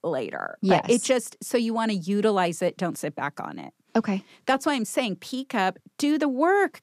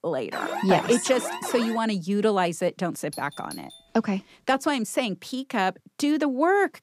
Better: first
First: none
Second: alarm; noticeable; until 2 s; peak 6 dB below the speech // doorbell; faint; at 3 s; peak 15 dB below the speech

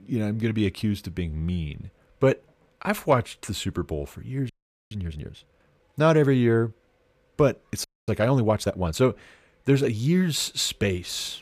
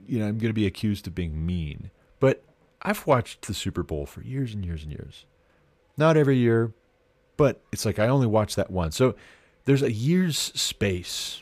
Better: second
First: audio freezing; at 4.5 s and at 8 s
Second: none

